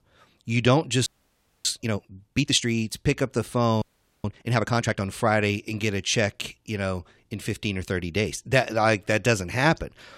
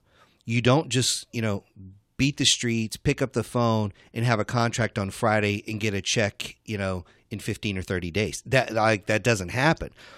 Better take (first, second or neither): second